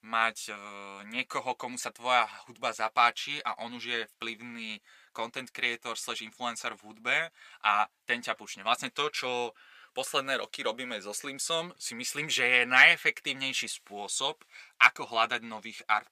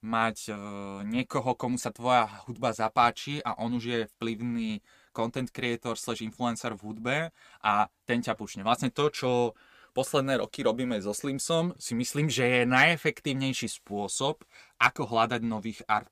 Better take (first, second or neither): second